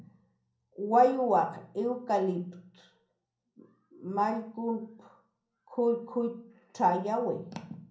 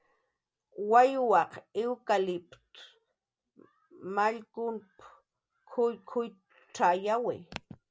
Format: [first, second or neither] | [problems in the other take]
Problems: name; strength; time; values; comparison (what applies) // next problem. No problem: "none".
second | room echo; dies away in 0.6 s